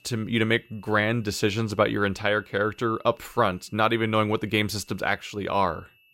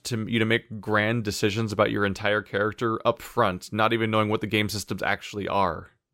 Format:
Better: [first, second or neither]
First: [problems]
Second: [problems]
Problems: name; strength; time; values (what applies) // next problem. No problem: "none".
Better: second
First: high-pitched whine; faint; throughout; 2.5 kHz, 30 dB below the speech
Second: none